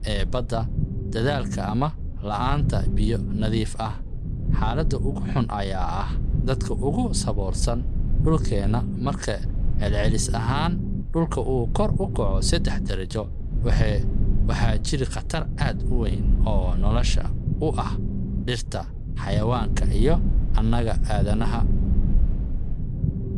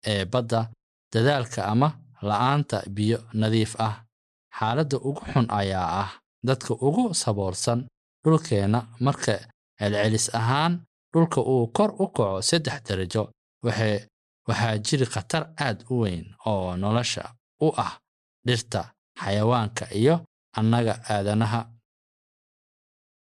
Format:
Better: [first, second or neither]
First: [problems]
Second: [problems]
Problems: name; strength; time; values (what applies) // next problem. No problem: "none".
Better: second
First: low rumble; loud; throughout; 10 dB below the speech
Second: none